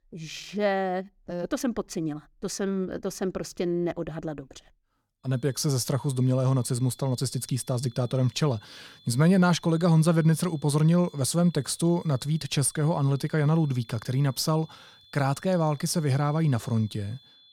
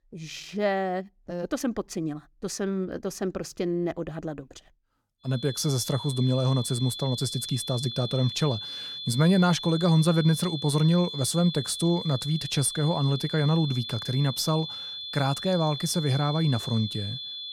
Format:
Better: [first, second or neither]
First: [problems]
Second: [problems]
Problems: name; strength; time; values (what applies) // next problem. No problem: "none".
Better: first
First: high-pitched whine; faint; from 5.5 s on; 3.5 kHz, 25 dB below the speech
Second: high-pitched whine; loud; from 5.5 s on; 3.5 kHz, 8 dB below the speech